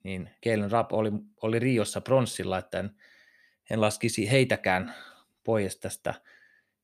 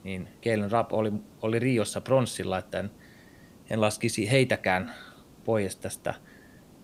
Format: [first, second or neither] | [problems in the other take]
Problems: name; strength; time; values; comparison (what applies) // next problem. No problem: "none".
first | hiss; faint; throughout; 25 dB below the speech